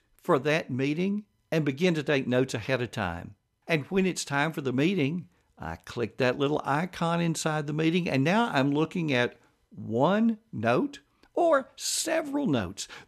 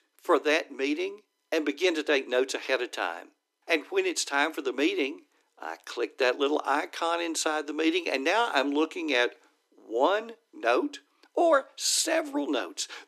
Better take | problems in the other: first | thin; somewhat; fading below 300 Hz

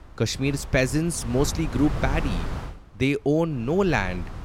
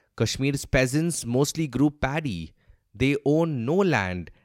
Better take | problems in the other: second | wind noise on the microphone; occasional gusts; 10 dB below the speech

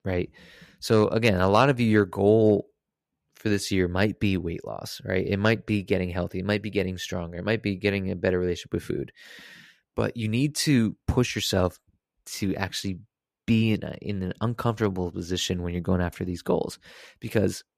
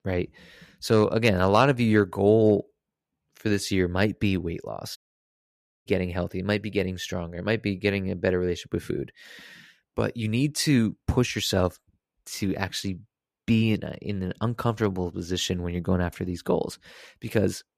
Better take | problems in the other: first | audio cutting out; at 5 s for 1 s

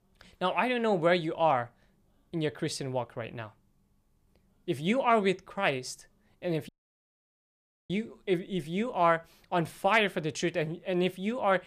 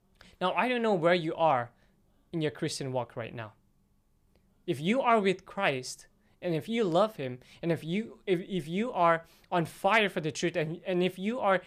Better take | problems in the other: second | audio cutting out; at 6.5 s for 1 s

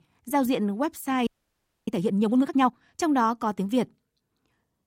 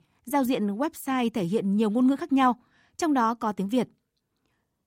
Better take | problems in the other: second | audio freezing; at 1.5 s for 0.5 s

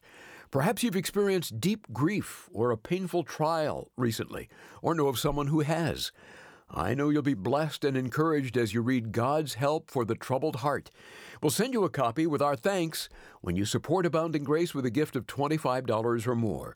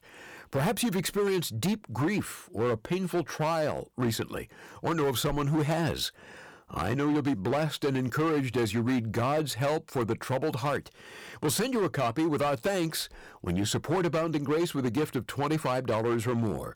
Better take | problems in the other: first | distortion; slight; 13% of the sound clipped

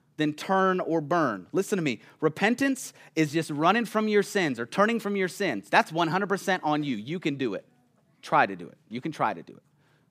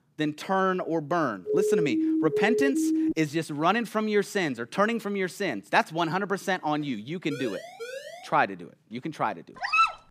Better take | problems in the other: first | siren; loud; from 1.5 to 3 s; peak 2 dB above the speech // siren; faint; at 7.5 s; peak 10 dB below the speech // dog barking; loud; at 9.5 s; peak 5 dB above the speech

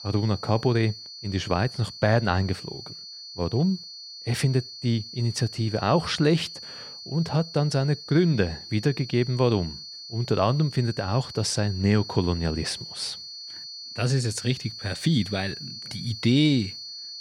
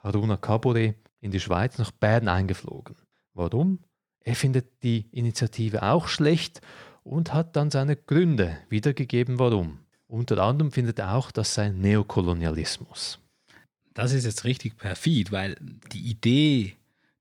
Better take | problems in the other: second | high-pitched whine; noticeable; throughout; 4.5 kHz, 10 dB below the speech

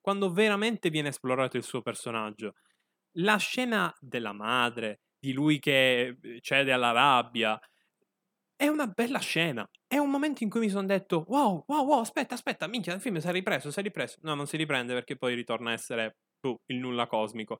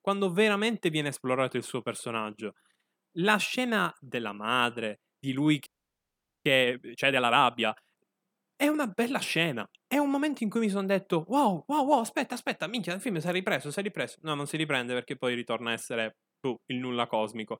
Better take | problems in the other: first | audio freezing; at 5.5 s for 1 s

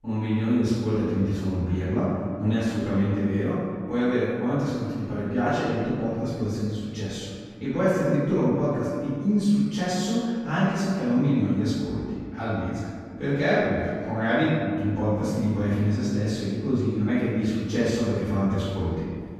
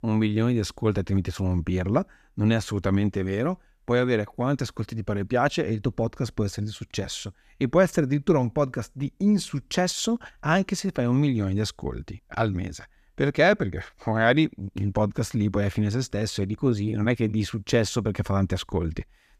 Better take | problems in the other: second | room echo; strong; dies away in 2 s // off-mic speech; far

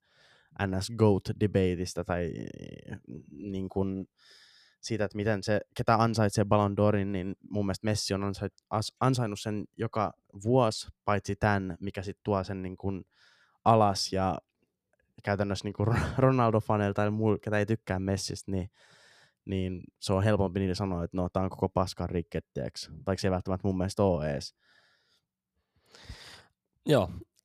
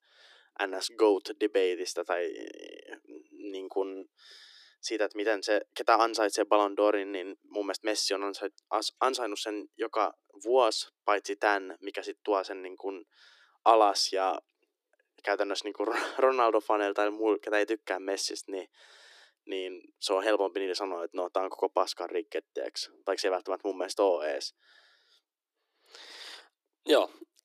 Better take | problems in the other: first | thin; very; fading below 300 Hz

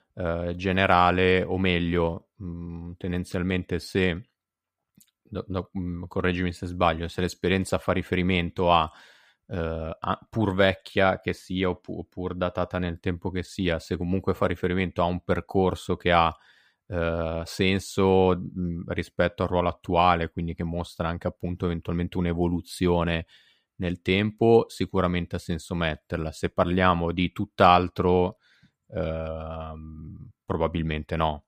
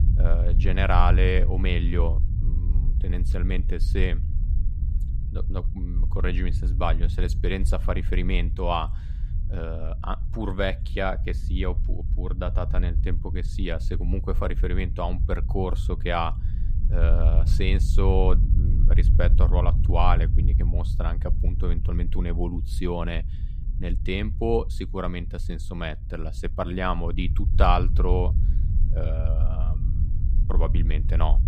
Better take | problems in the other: first | low rumble; noticeable; throughout; 15 dB below the speech

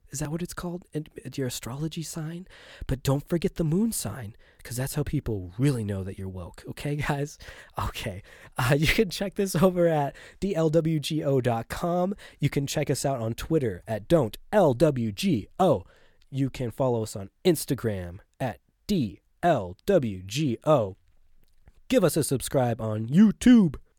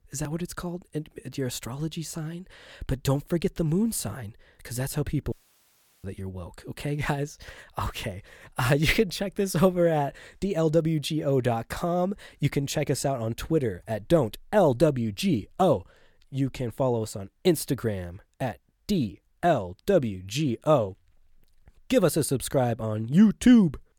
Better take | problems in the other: first | audio cutting out; at 5.5 s for 0.5 s

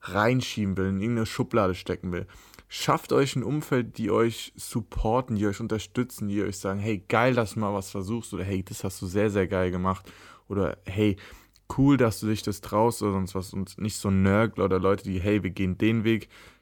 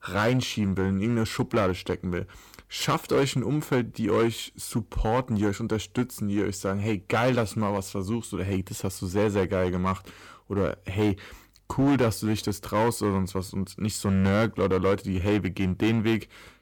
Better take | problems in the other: first | distortion; slight; 6% of the sound clipped

